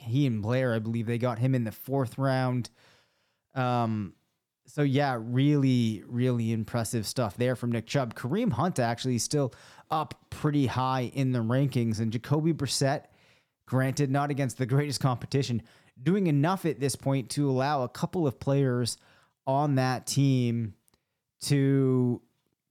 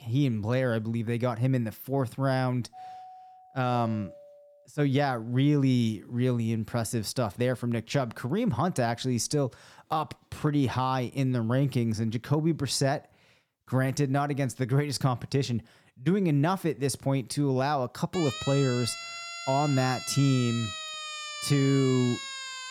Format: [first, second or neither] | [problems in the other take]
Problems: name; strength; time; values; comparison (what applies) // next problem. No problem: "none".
first | doorbell; faint; from 2.5 to 4.5 s; peak 15 dB below the speech // siren; noticeable; from 18 s on; peak 7 dB below the speech